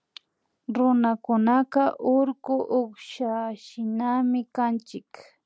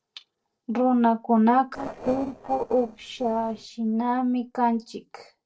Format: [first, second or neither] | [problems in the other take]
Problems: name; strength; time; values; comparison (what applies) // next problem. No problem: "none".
first | noise reduction (neural separator model SepFormer DNS4)